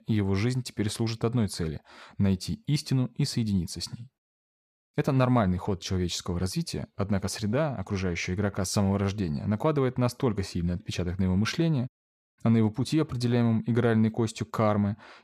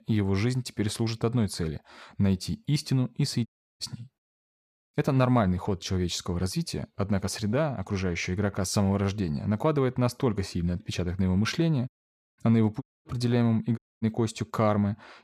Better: first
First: none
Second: audio cutting out; at 3.5 s, at 13 s and at 14 s

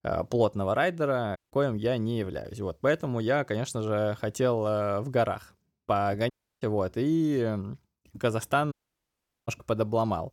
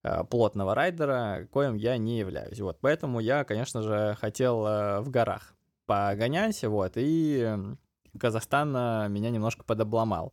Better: second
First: audio cutting out; at 1.5 s, at 6.5 s and at 8.5 s for 1 s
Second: none

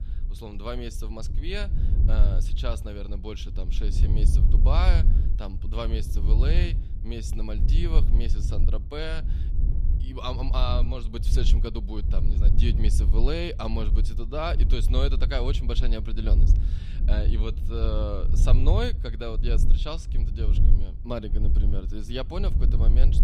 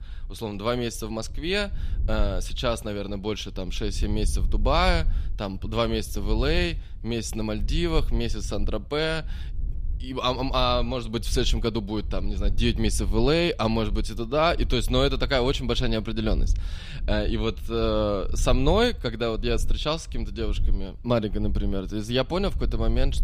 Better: second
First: wind noise on the microphone; heavy; 9 dB below the speech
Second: wind noise on the microphone; occasional gusts; 25 dB below the speech

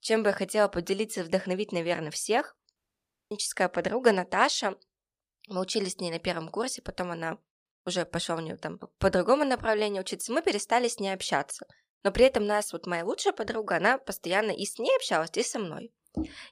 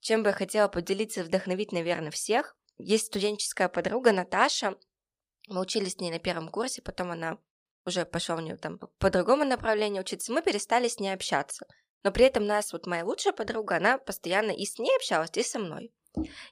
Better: second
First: audio cutting out; at 3 s for 0.5 s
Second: none

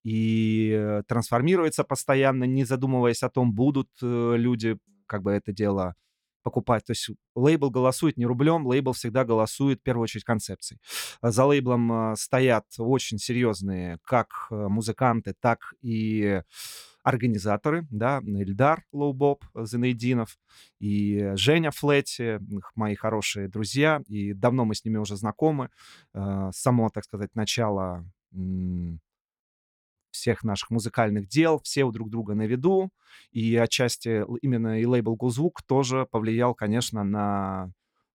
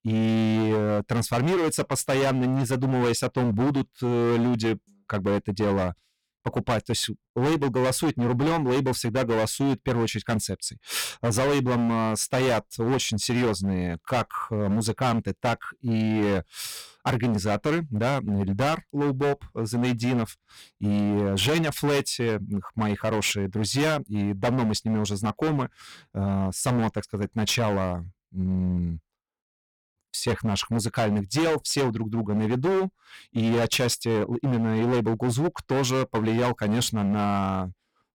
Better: first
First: none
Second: distortion; heavy; 20% of the sound clipped

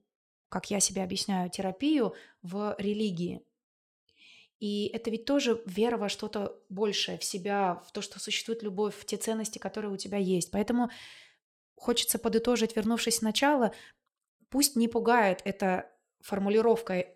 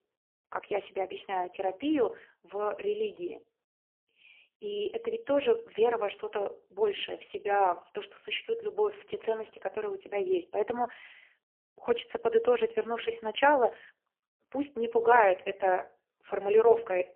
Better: first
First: none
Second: phone-call audio; poor line; nothing above 3 kHz

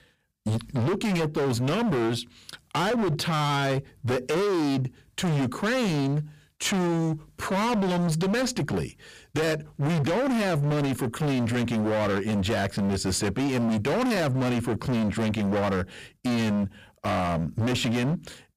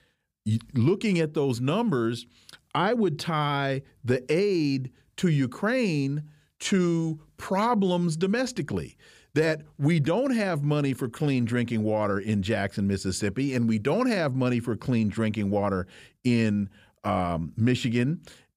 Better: second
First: distortion; heavy; 35% of the sound clipped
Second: none

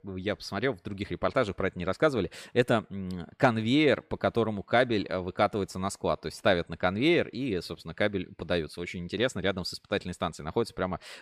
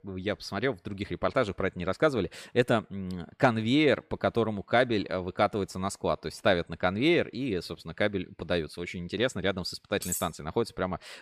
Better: first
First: none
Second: clattering dishes; noticeable; at 10 s; peak 4 dB below the speech

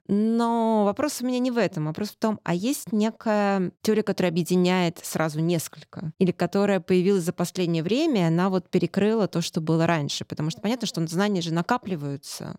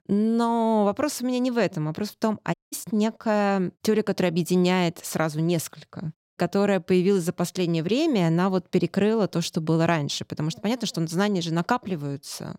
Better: first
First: none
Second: audio cutting out; at 2.5 s and at 6 s

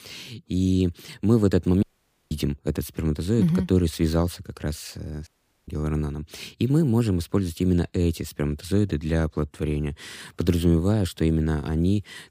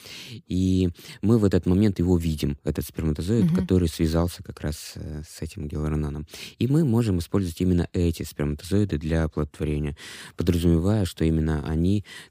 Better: second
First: audio cutting out; at 2 s and at 5.5 s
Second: none

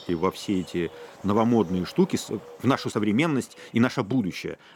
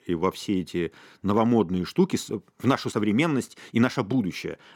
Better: second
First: animal sounds; faint; throughout; 20 dB below the speech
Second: none

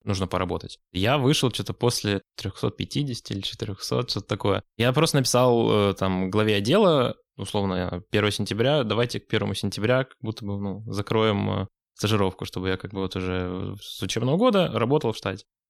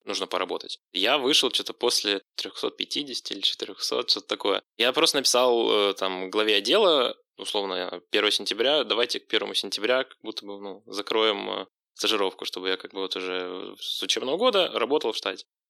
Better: first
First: none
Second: thin; somewhat; fading below 350 Hz

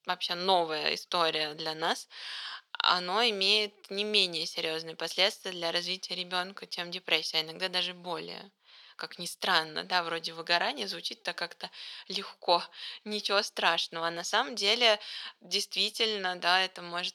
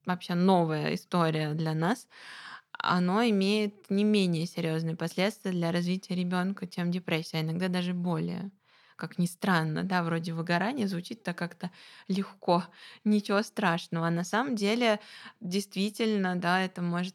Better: second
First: thin; very; fading below 550 Hz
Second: none

